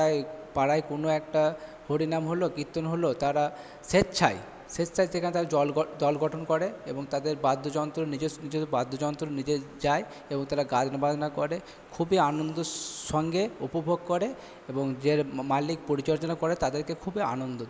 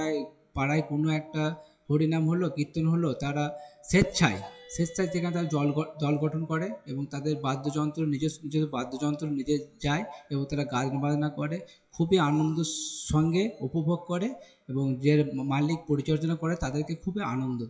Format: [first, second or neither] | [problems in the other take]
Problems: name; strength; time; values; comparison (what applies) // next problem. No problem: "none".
first | noise reduction (classical method WPE with log-MMSE)